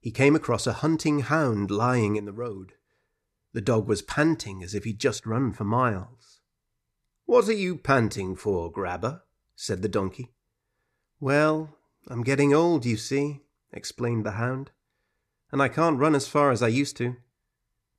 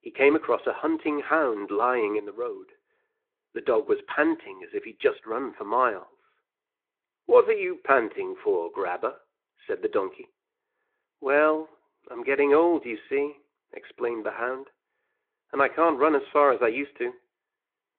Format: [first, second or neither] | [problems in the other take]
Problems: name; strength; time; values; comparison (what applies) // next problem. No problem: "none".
first | phone-call audio; nothing above 3.5 kHz